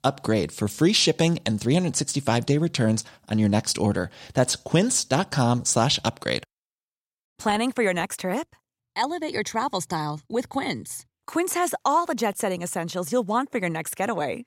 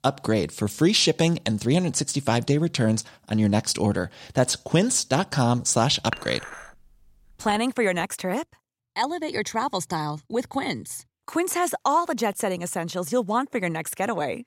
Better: first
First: none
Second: clattering dishes; noticeable; at 6 s; peak 10 dB below the speech

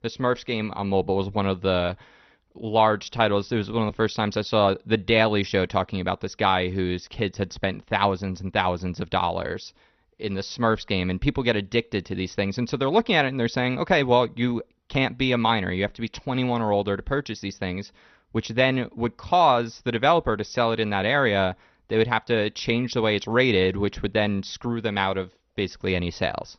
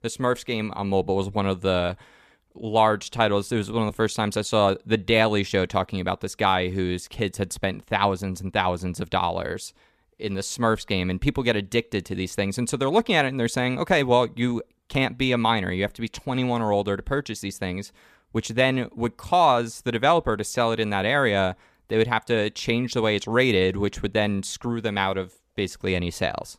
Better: second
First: garbled, watery; slightly; nothing above 6 kHz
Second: none

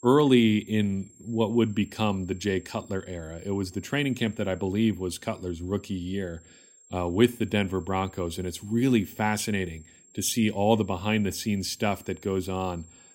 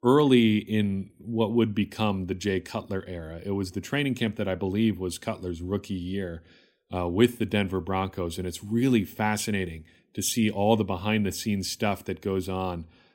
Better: second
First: high-pitched whine; faint; throughout; 7.5 kHz, 25 dB below the speech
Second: none

